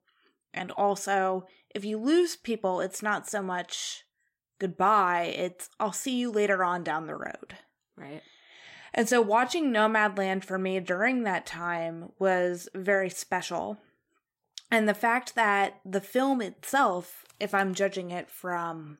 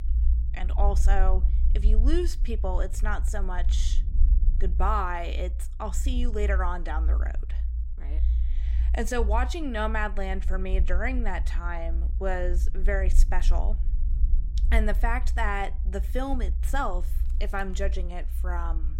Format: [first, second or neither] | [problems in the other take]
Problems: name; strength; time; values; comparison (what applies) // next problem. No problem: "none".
first | low rumble; noticeable; throughout; 20 dB below the speech